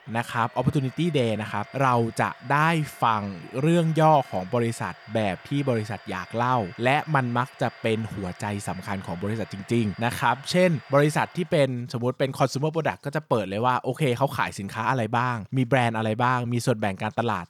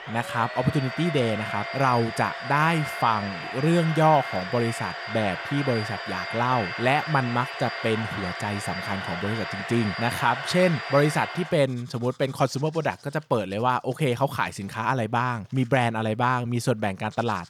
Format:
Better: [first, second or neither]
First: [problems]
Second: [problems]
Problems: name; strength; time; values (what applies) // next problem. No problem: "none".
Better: first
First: household noises; faint; throughout; 20 dB below the speech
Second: household noises; loud; throughout; 7 dB below the speech